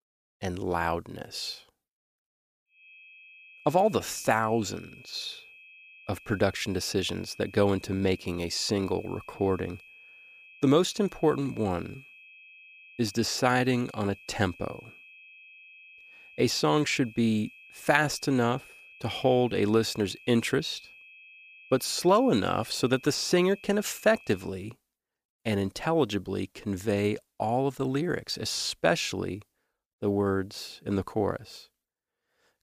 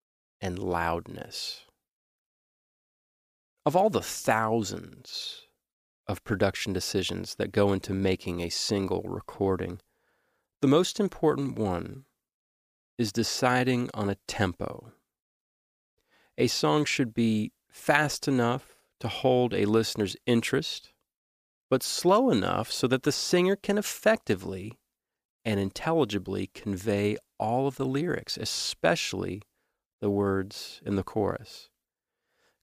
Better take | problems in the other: second | high-pitched whine; faint; from 3 to 24 s; 2.5 kHz, 20 dB below the speech

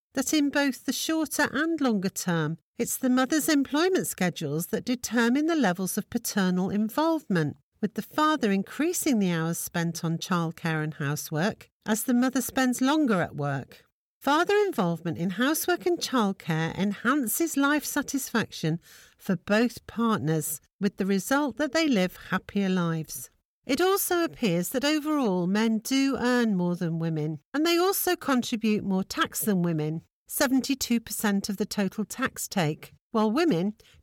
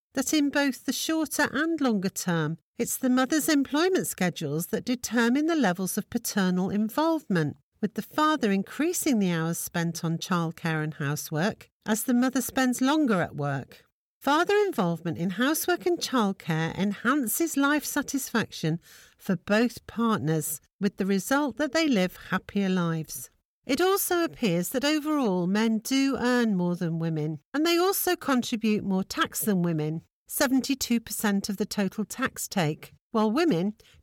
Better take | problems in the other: neither | none

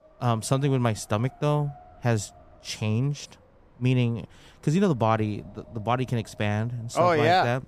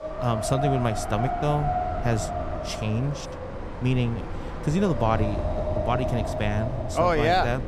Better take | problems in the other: first | wind in the background; loud; throughout; 4 dB below the speech; faint in the first

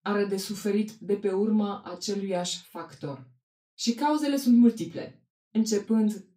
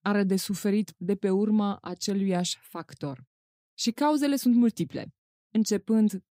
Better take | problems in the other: second | room echo; slight; dies away in 0.2 s // off-mic speech; far

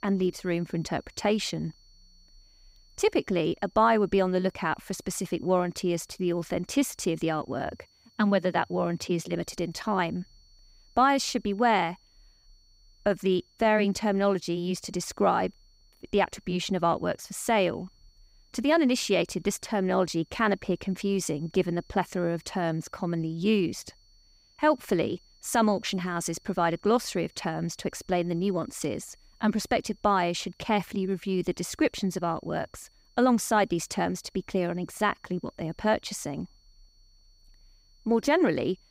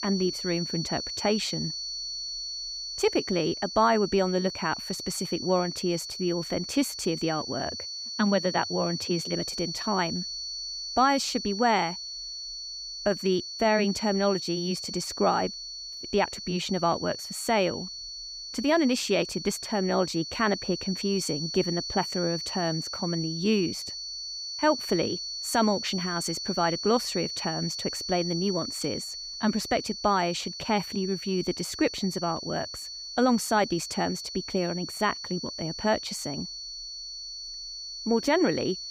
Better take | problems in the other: first | high-pitched whine; loud; throughout; 4.5 kHz, 6 dB below the speech; faint in the first

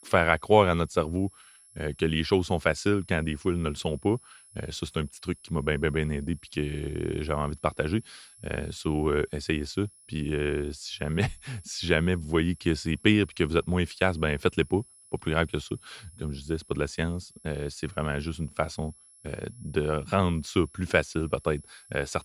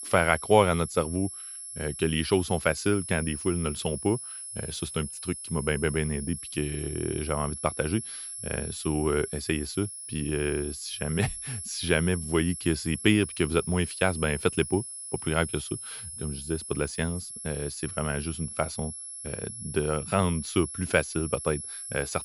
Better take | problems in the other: first | high-pitched whine; loud; throughout; 11 kHz, 8 dB below the speech; faint in the first

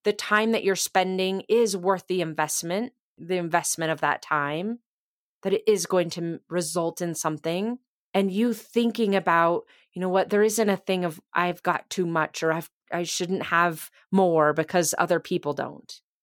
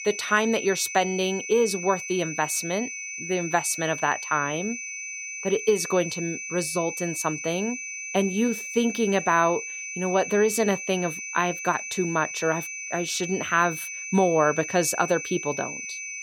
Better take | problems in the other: first | high-pitched whine; loud; throughout; 2.5 kHz, 7 dB below the speech

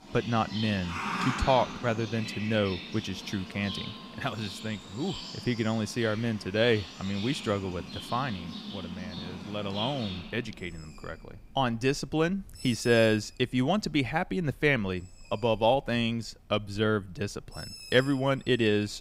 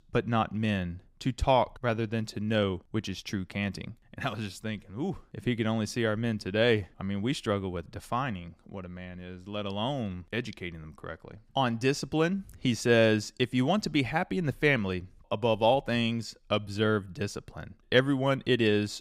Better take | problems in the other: second | animal sounds; loud; throughout; 10 dB below the speech

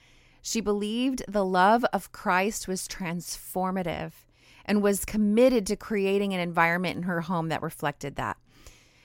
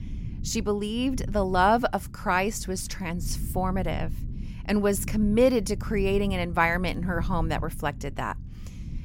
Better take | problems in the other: first | low rumble; faint; throughout; 20 dB below the speech

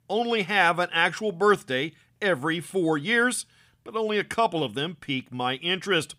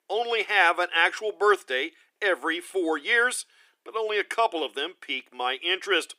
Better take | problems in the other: first | thin; very; fading below 350 Hz

